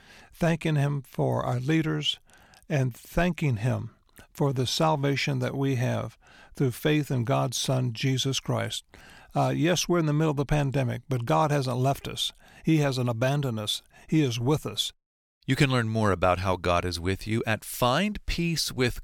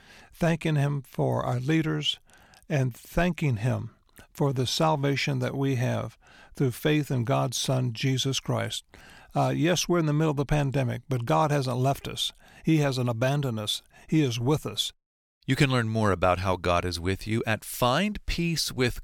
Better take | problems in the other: neither | none

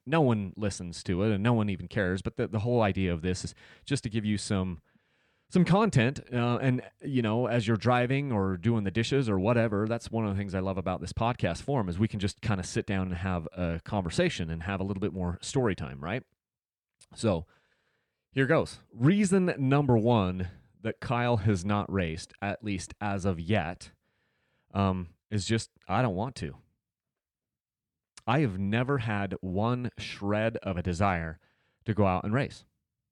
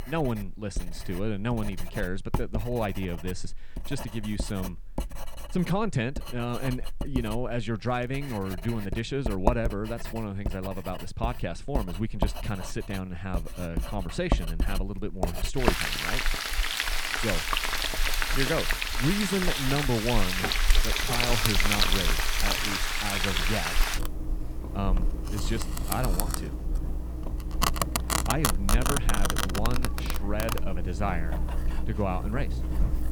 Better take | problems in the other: first | household noises; very loud; throughout; 3 dB above the speech

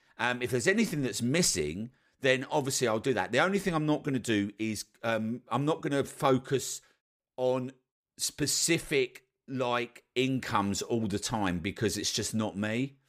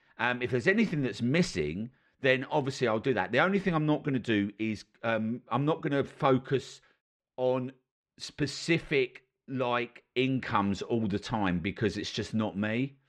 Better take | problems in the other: first | muffled; slightly; fading above 3 kHz

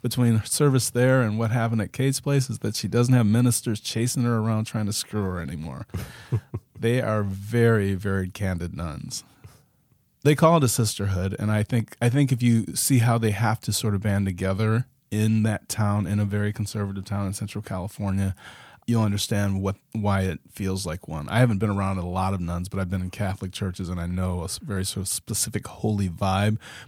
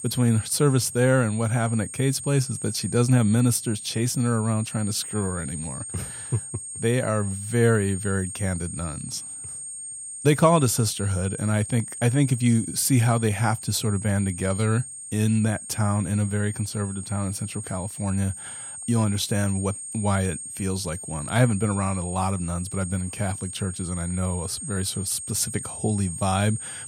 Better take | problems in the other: first | high-pitched whine; loud; throughout; 8.5 kHz, 9 dB below the speech

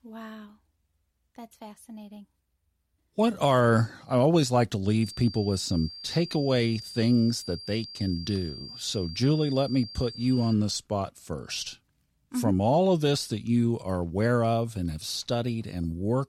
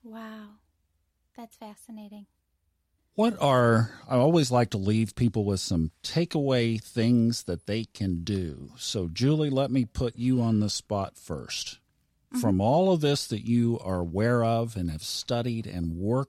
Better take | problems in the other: second | high-pitched whine; noticeable; from 5 to 11 s; 4.5 kHz, 15 dB below the speech

